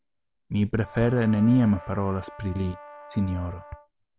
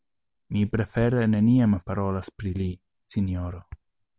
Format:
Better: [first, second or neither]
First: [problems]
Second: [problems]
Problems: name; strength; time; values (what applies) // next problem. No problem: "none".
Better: second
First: background sound (Livestock, farm animals, working animals + Brass instrument); 19 dB below the speech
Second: none